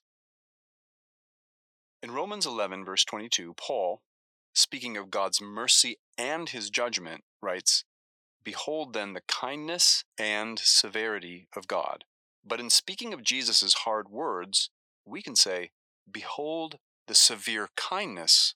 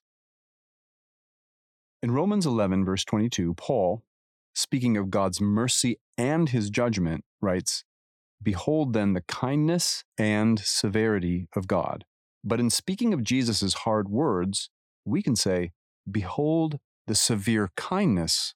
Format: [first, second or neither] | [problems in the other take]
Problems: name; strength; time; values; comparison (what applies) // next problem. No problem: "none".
second | thin; very; fading below 600 Hz